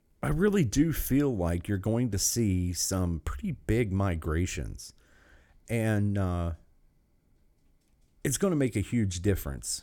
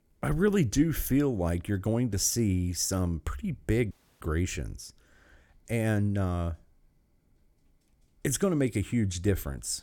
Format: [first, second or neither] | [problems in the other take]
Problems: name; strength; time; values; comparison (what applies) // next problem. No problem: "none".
first | audio cutting out; at 4 s